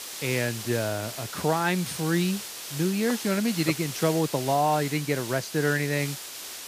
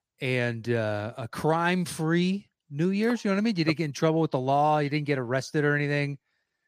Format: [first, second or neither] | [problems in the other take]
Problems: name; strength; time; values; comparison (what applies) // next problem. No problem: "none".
second | hiss; loud; throughout; 8 dB below the speech